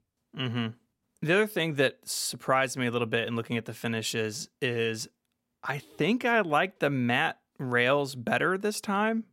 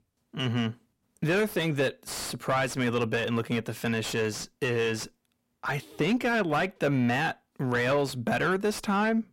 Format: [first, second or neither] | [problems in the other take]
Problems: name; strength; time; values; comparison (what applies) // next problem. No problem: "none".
first | distortion; heavy; 7 dB below the speech